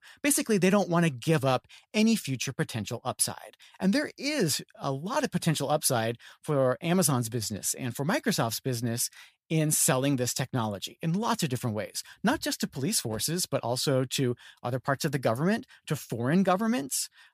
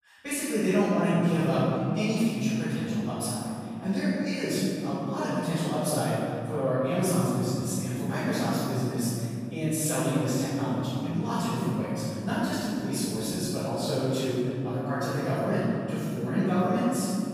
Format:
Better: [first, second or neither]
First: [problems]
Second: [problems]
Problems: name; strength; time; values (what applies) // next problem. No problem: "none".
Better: first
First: none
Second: off-mic speech; far // room echo; strong; dies away in 3 s